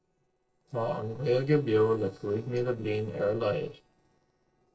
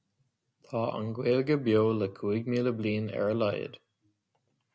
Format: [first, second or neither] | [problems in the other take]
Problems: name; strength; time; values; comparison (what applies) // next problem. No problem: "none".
second | noise reduction (neural separator model SepFormer DNS4)